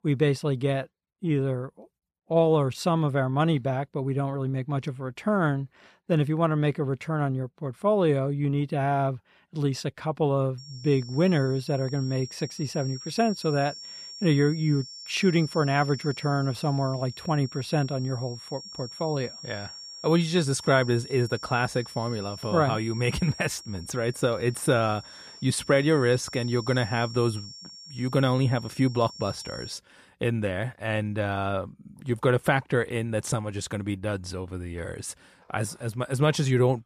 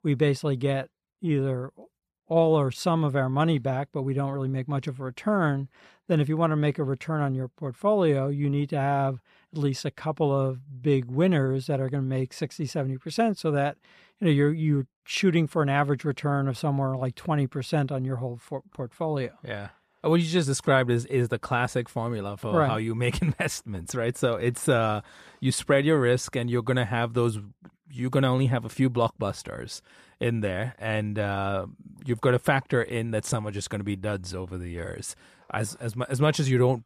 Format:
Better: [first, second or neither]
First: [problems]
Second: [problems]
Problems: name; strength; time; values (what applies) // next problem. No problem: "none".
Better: second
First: high-pitched whine; noticeable; from 11 to 30 s; 5.5 kHz, 15 dB below the speech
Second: none